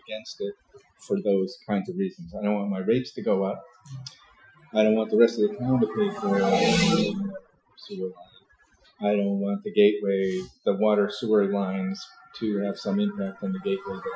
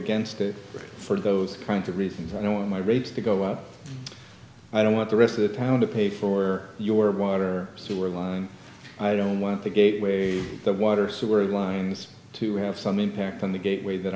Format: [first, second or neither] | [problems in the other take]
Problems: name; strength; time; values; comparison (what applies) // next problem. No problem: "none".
second | noise reduction (classical method Wiener filter)